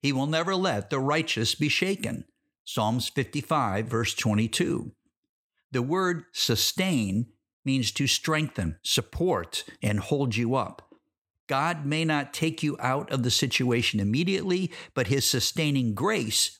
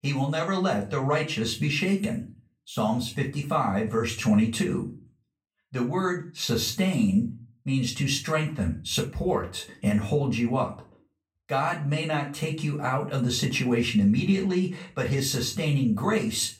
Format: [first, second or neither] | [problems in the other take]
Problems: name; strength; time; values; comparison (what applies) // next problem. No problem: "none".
first | off-mic speech; far // room echo; very slight; dies away in 0.3 s